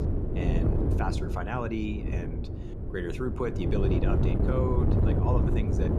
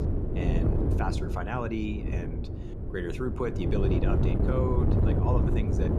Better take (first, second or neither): neither